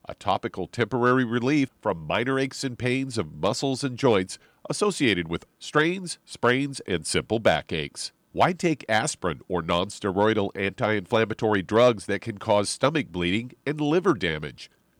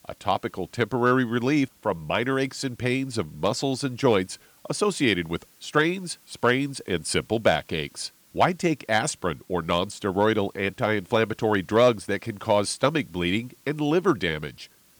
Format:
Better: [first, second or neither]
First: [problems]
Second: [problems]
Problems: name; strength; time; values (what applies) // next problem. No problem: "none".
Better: first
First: none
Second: hiss; faint; throughout; 30 dB below the speech